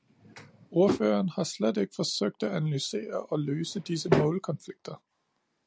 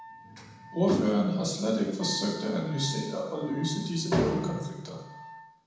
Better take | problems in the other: first | background sound (Wind instrument, woodwind instrument); 18 dB below the speech // room echo; dies away in 1.1 s

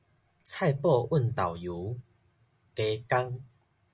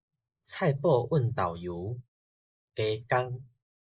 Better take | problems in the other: first | noise reduction (neural mask model Resemble Enhance denoiser)

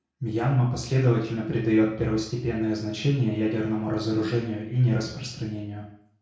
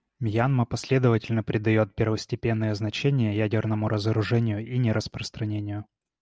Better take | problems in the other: second | room echo; dies away in 0.5 s

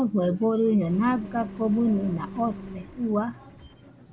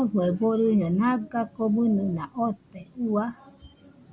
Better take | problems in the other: second | background sound (Engine); 16 dB below the speech

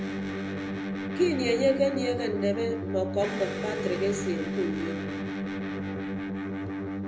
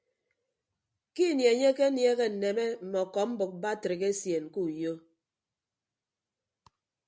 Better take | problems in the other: second | background sound (Electric guitar); 2 dB below the speech // room echo; dies away in 0.5 s

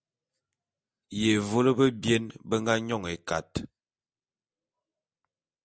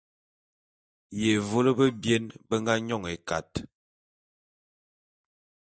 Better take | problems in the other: first | noise reduction (neural mask model DeepFilterNet 3)

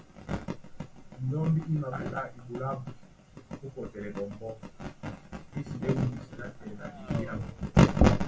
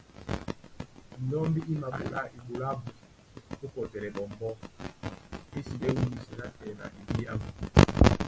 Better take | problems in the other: second | background sound (Race car, auto racing); 19 dB below the speech // room echo; dies away in 0.2 s

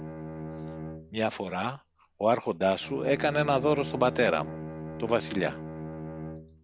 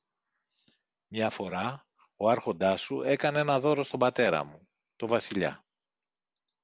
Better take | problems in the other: second | background sound (Bowed string instrument); 10 dB below the speech

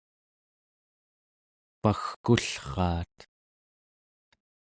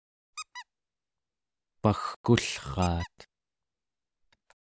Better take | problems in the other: first | background sound (Squeak); 17 dB below the speech

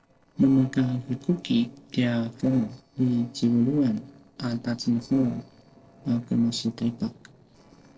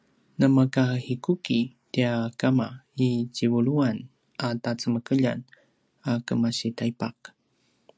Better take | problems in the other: second | noise reduction (neural separator model SepFormer DNS4)

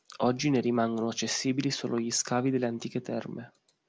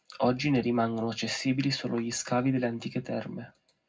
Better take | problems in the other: first | room echo; dies away in 0.3 s

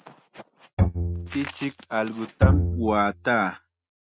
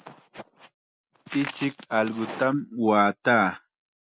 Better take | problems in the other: second | noise reduction (neural mask model RNNoise)

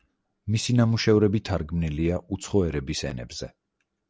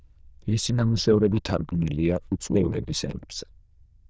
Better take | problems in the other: first | noise reduction (neural diffusion model UNIVERSE++)

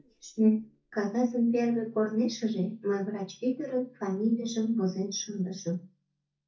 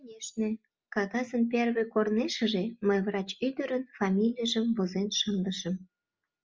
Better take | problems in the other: second | noise reduction (neural mask model DeepFilterNet 3)

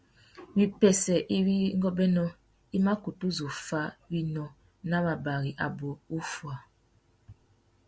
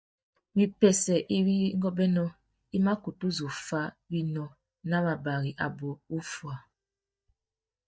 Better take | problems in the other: first | noise reduction (neural mask model DeepFilterNet 3)

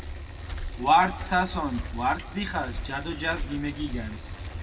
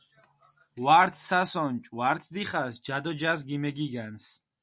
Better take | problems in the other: second | background sound (Bicycle); 7 dB below the speech // room echo; dies away in 1.6 s

